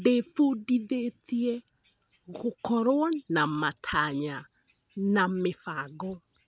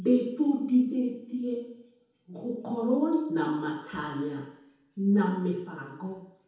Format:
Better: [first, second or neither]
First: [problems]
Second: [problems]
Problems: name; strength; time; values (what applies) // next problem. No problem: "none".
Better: first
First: none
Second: room echo; dies away in 1.9 s